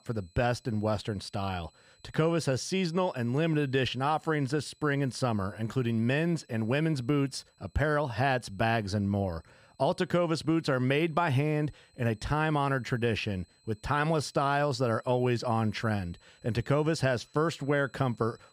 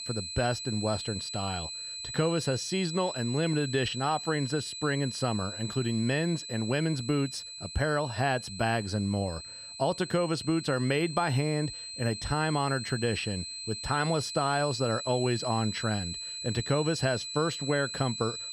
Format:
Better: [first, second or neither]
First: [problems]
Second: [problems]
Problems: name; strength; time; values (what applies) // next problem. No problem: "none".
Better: first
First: high-pitched whine; faint; throughout; 4 kHz, 35 dB below the speech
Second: high-pitched whine; loud; throughout; 4 kHz, 7 dB below the speech